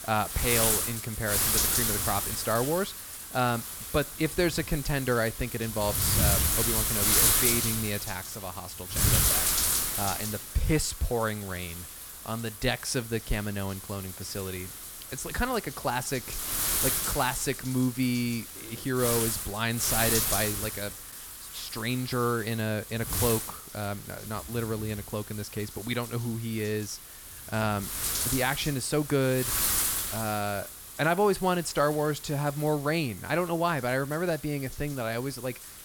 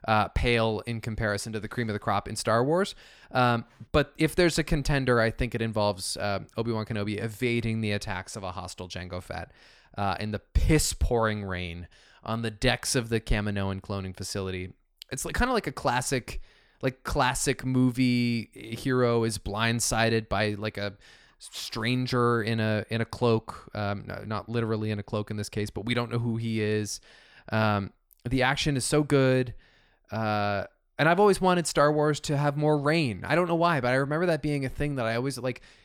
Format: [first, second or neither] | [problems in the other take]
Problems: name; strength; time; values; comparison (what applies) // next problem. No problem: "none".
second | wind noise on the microphone; heavy; as loud as the speech